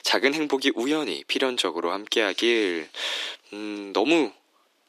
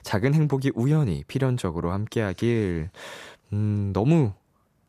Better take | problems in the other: second | thin; somewhat; fading below 300 Hz

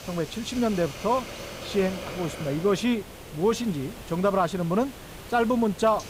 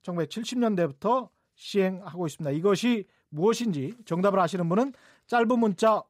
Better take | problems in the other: second | hiss; noticeable; throughout; 15 dB below the speech

